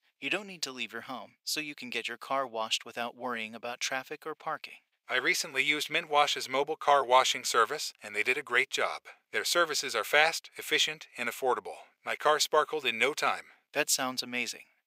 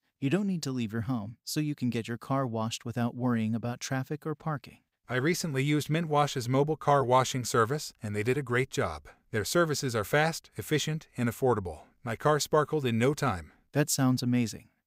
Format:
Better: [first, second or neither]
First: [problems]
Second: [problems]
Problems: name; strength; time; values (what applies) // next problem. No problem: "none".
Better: second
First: thin; very; fading below 600 Hz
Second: none